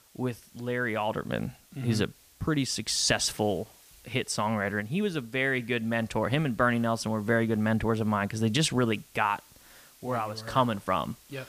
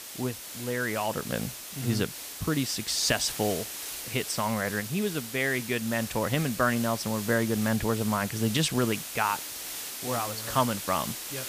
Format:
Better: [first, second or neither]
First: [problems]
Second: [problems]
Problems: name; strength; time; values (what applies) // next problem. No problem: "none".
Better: first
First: hiss; faint; throughout; 25 dB below the speech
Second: hiss; loud; throughout; 7 dB below the speech